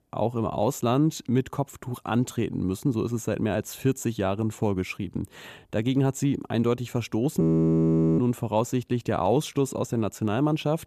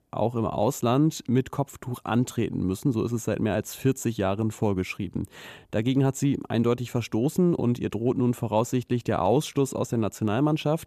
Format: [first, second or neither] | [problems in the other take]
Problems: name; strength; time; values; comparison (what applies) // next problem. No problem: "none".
second | audio freezing; at 7.5 s for 1 s